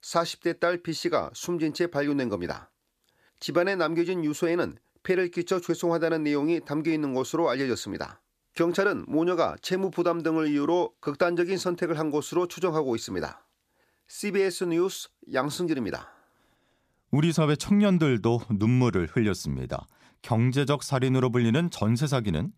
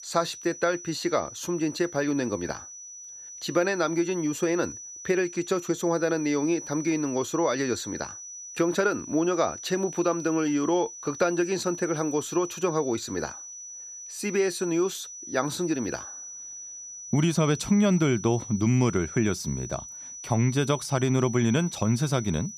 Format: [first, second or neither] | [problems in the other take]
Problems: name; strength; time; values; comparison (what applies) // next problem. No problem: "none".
first | high-pitched whine; noticeable; throughout; 6 kHz, 10 dB below the speech